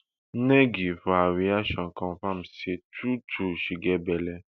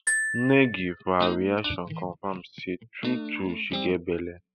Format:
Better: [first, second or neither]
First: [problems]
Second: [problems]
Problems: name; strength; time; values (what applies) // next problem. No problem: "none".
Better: first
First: none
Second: noise reduction (classical method spectral subtraction)